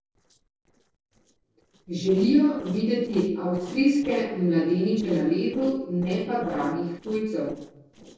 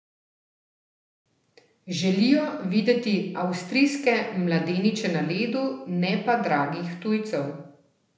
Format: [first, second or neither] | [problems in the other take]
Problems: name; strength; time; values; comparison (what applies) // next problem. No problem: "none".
second | noise reduction (neural separator model SepFormer DNS4)